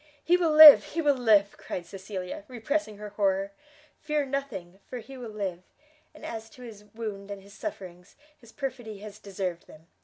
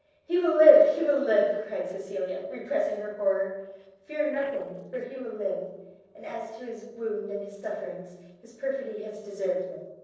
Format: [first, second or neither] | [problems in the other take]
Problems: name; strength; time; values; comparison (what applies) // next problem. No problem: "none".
first | noise reduction (neural separator model SepFormer DNS4)